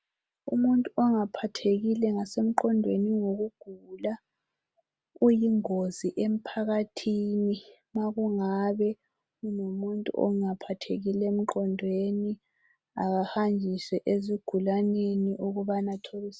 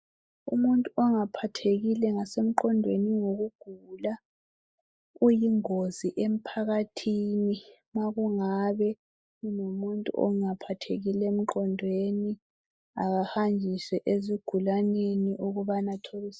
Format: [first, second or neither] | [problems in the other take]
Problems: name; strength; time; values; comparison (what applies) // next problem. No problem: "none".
first | noise reduction (neural mask model Resemble Enhance denoiser)